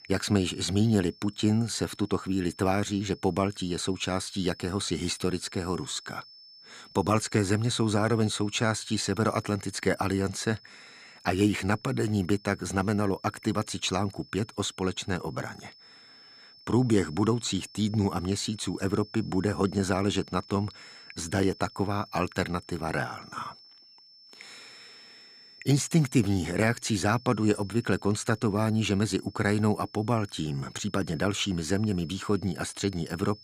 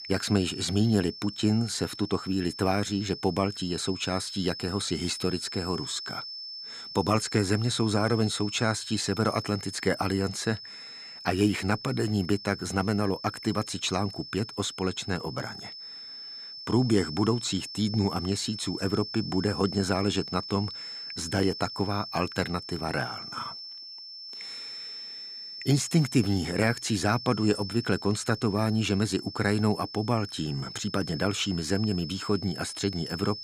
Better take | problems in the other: first | high-pitched whine; loud; throughout; 5.5 kHz, 10 dB below the speech; faint in the first

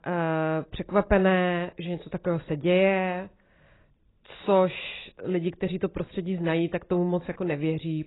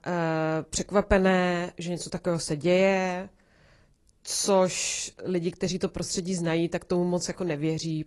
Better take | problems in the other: second | garbled, watery; badly; nothing above 4 kHz; slightly in the second

